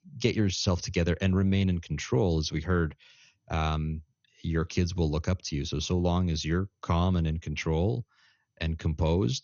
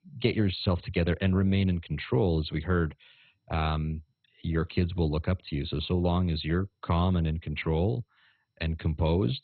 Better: first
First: garbled, watery; slightly; nothing above 6.5 kHz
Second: garbled, watery; badly; nothing above 4 kHz

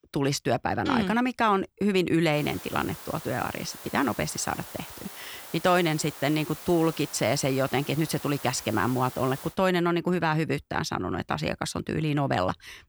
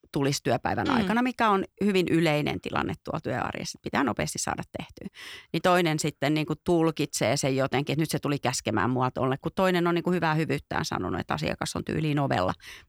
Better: second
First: hiss; noticeable; from 2.5 to 9.5 s; 15 dB below the speech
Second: none

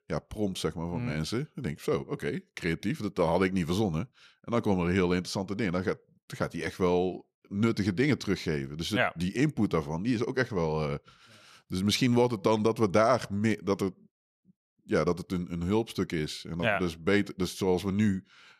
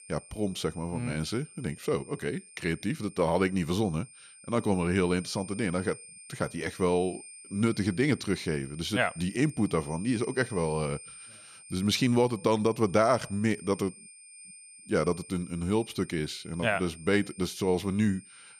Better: first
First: none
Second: high-pitched whine; noticeable; throughout; 9 kHz, 15 dB below the speech

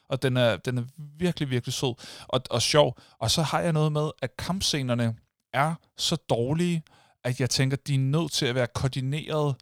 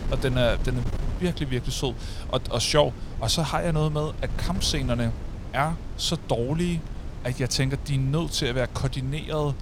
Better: first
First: none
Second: wind noise on the microphone; occasional gusts; 15 dB below the speech

